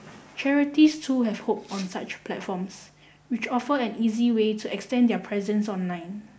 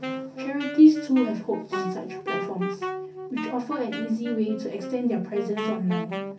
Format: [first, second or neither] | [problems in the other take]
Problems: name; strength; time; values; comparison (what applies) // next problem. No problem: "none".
first | background sound (Wind instrument, woodwind instrument); 8 dB below the speech // room echo; dies away in 0.3 s